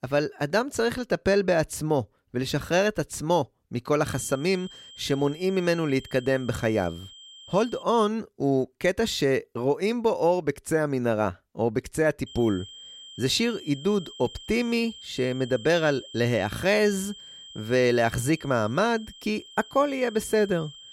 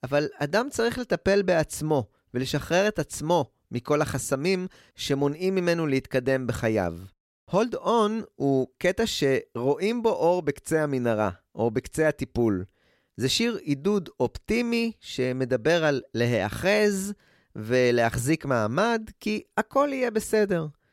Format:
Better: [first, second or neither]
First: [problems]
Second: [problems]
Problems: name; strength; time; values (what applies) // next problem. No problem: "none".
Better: second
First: high-pitched whine; noticeable; from 4 to 8 s and from 12 s on; 3 kHz, 20 dB below the speech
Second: none